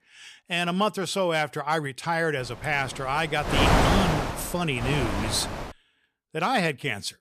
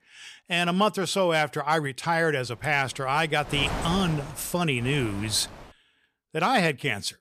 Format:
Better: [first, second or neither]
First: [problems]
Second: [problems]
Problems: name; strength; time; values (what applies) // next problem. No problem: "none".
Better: second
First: wind noise on the microphone; heavy; from 2.5 to 5.5 s; as loud as the speech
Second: wind noise on the microphone; occasional gusts; from 2.5 to 5.5 s; 10 dB below the speech